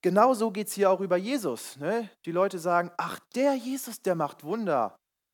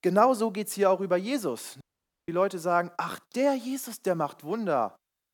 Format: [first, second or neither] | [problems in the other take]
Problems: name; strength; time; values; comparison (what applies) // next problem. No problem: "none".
first | audio cutting out; at 2 s